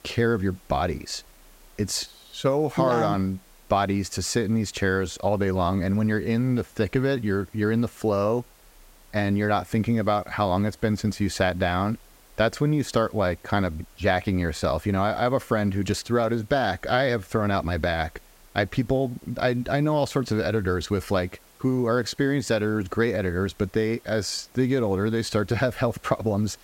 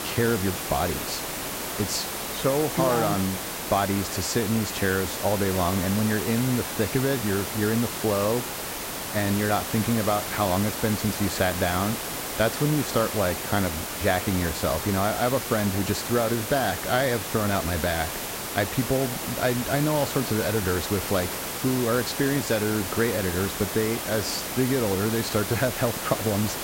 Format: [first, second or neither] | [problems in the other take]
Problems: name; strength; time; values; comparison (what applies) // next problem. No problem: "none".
first | hiss; loud; throughout; 4 dB below the speech; faint in the first